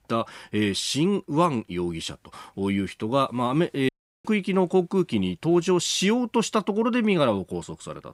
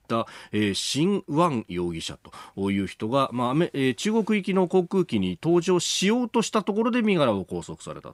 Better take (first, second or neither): second